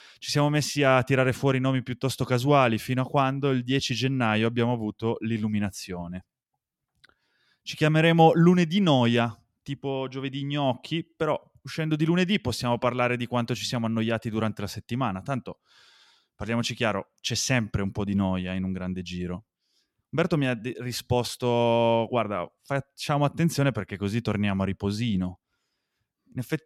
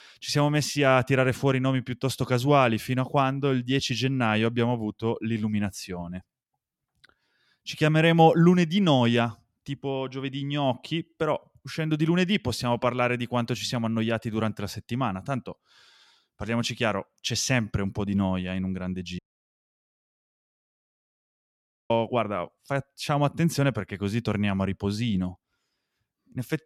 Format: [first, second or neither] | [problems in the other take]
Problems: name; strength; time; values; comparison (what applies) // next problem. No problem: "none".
first | audio cutting out; at 19 s for 2.5 s